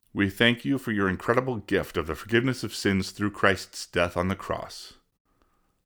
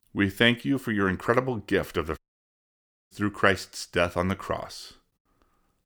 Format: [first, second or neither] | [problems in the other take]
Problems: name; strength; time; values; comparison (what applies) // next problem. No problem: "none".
first | audio cutting out; at 2 s for 1 s